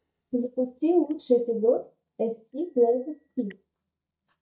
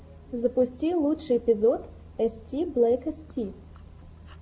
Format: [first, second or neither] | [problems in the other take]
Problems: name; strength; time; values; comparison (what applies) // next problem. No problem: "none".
second | noise reduction (neural mask model DeepFilterNet 3)